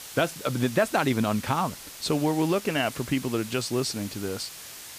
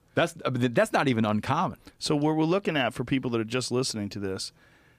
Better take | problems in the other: second | hiss; noticeable; throughout; 10 dB below the speech

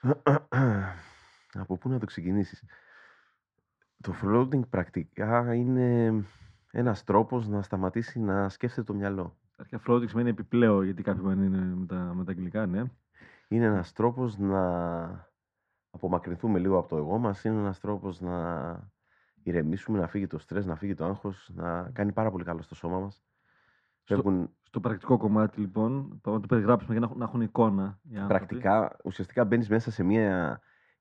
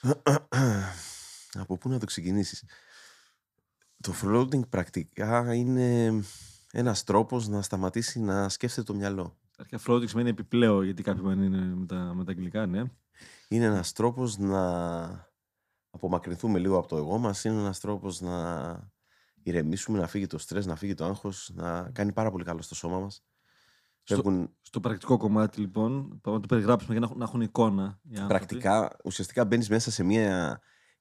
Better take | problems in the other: second | muffled; very; fading above 1.5 kHz

